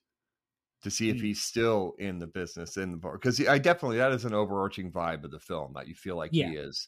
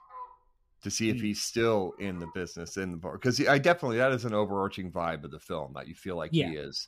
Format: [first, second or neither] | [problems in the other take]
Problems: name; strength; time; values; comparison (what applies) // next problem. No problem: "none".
first | animal sounds; faint; throughout; 20 dB below the speech